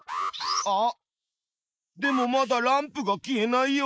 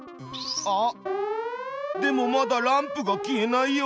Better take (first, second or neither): second